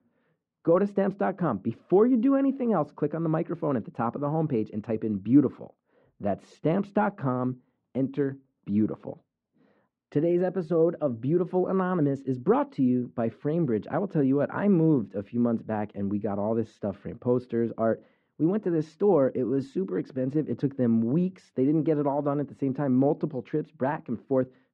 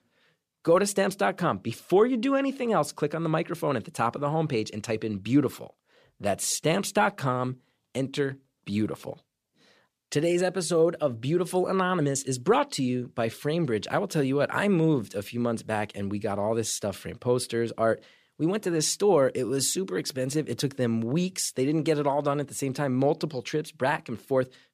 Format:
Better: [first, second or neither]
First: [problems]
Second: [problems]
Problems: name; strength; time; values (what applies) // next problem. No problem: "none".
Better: second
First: muffled; very; fading above 1 kHz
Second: none